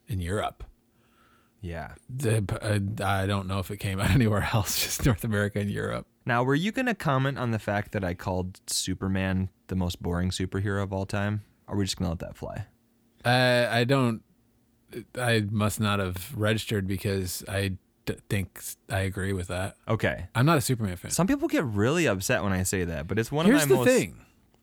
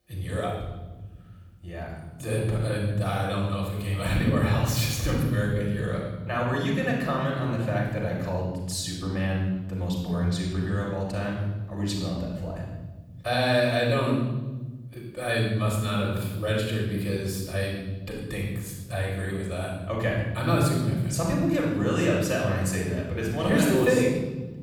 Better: first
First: none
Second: room echo; noticeable; dies away in 1.6 s // off-mic speech; far

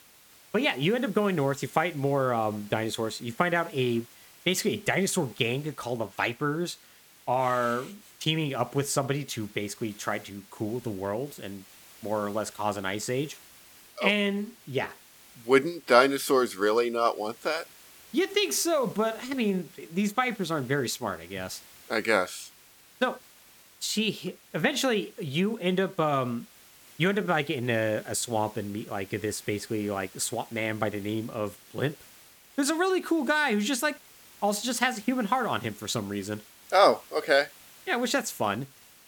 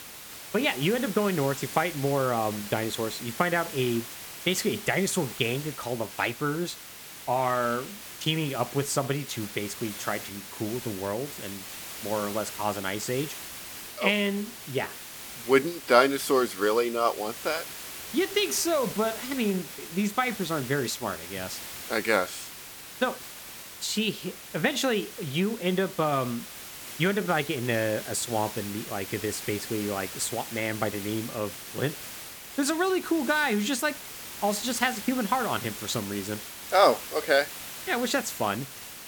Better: first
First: hiss; faint; throughout; 25 dB below the speech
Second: hiss; loud; throughout; 10 dB below the speech

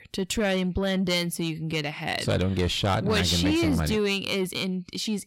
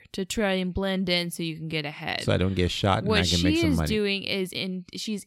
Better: second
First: distortion; slight; 10 dB below the speech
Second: none

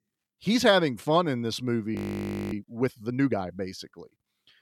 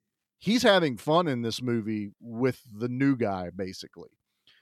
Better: second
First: audio freezing; at 2 s for 0.5 s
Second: none

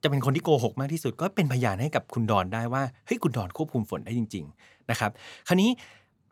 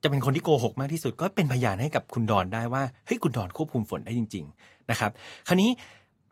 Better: first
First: none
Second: garbled, watery; slightly; nothing above 14.5 kHz

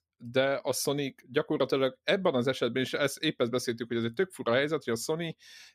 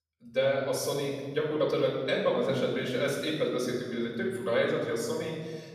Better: first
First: none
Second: off-mic speech; far // room echo; noticeable; dies away in 1.5 s

